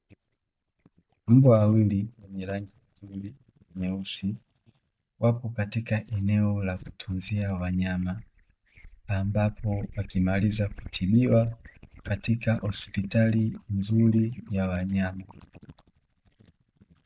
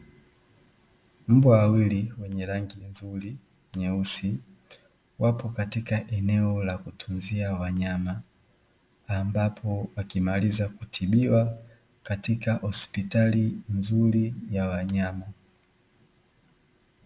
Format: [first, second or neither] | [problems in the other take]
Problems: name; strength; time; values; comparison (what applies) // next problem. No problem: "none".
second | noise reduction (neural mask model DeepFilterNet 3)